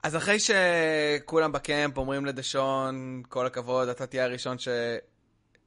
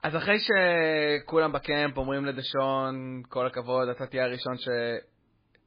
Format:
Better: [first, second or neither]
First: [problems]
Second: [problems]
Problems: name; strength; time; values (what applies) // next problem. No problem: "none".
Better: first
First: garbled, watery; slightly; nothing above 10.5 kHz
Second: garbled, watery; badly; nothing above 4.5 kHz